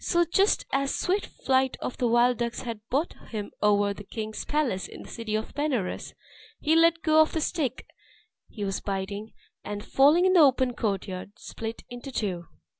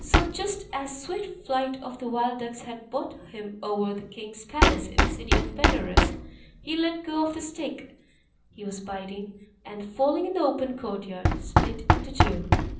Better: first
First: none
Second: background sound (Knock); 3 dB above the speech // room echo; dies away in 0.6 s

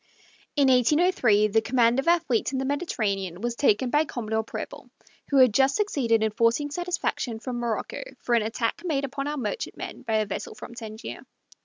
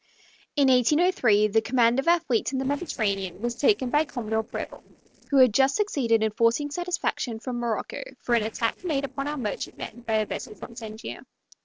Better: first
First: none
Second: noise reduction (neural separator model SepFormer DNS4)

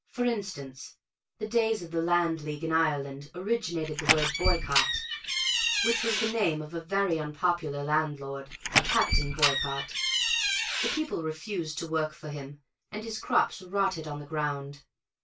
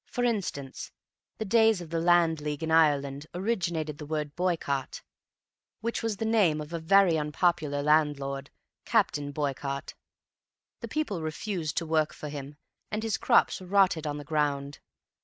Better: second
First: background sound (Door); 3 dB above the speech // room echo; dies away in 0.1 s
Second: none

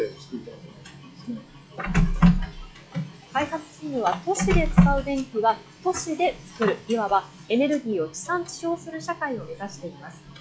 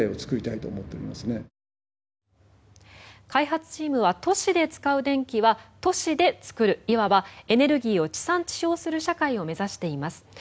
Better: second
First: noise reduction (classical method log-MMSE)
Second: none

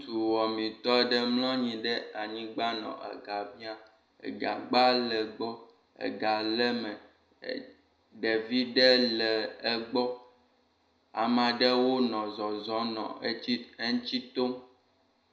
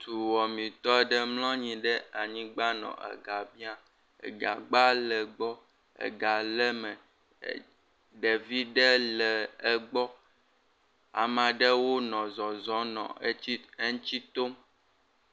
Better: second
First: room echo; dies away in 0.5 s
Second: none

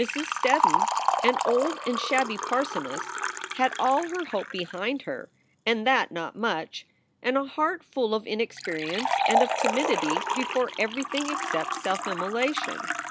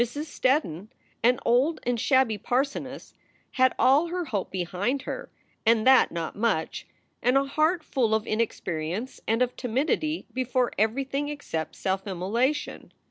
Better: second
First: background sound (Liquid); 2 dB below the speech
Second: none

